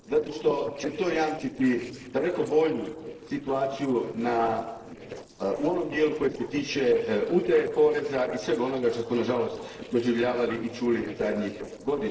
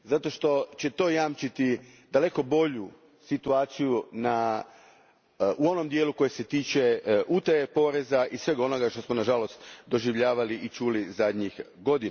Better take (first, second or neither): second